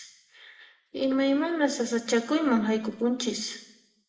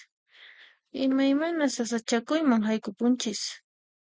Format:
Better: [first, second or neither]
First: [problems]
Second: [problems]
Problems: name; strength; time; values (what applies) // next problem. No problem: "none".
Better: second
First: room echo; dies away in 0.8 s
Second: none